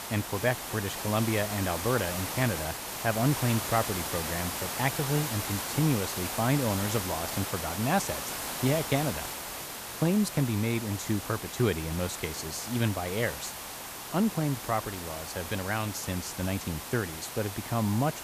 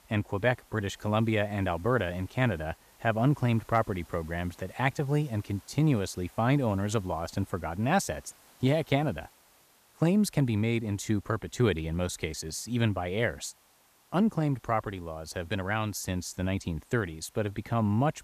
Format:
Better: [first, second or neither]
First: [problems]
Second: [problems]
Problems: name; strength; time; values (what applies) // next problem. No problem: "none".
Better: second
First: hiss; loud; throughout; 4 dB below the speech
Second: hiss; faint; throughout; 30 dB below the speech